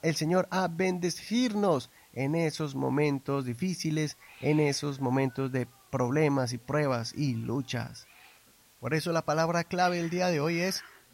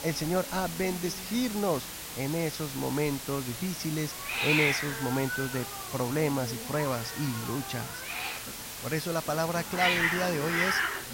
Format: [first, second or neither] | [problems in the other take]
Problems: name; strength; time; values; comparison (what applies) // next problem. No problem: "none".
first | hiss; loud; throughout; 1 dB below the speech; faint in the first